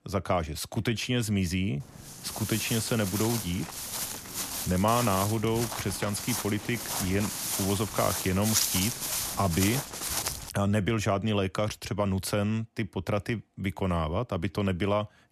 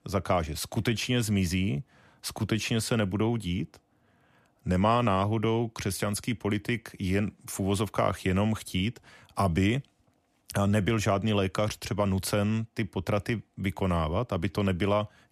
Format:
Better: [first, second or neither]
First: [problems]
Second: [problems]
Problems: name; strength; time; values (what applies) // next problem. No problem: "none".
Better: second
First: footsteps; loud; from 2.5 to 10 s; peak 5 dB above the speech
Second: none